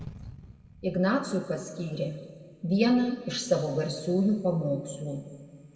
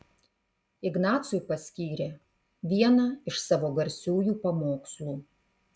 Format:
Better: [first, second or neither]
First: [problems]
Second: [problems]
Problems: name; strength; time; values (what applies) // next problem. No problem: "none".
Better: second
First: room echo; dies away in 1.7 s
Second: none